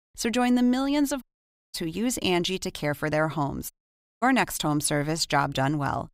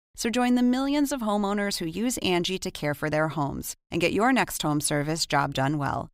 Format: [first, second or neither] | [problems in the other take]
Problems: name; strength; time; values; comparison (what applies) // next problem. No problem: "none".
second | audio cutting out; at 1 s for 0.5 s and at 3.5 s for 0.5 s